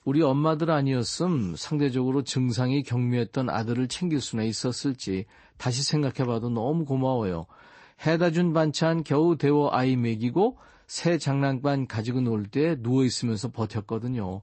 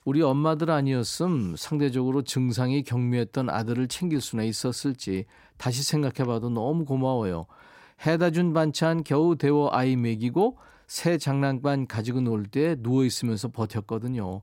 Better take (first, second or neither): second